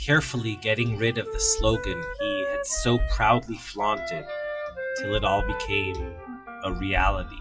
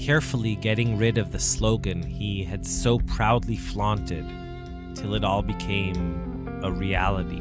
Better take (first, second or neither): second